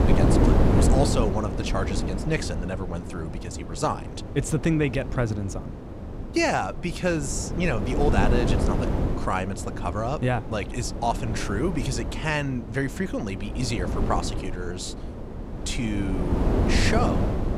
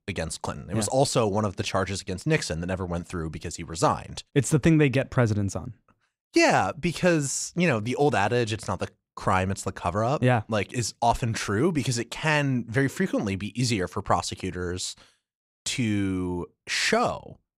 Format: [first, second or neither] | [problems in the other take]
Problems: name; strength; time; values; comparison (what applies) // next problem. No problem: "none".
second | wind noise on the microphone; heavy; 4 dB below the speech